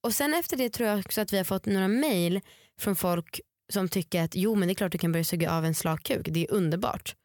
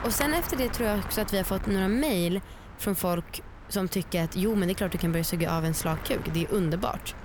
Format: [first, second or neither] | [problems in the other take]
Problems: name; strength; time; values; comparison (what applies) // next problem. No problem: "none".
first | wind noise on the microphone; occasional gusts; 10 dB below the speech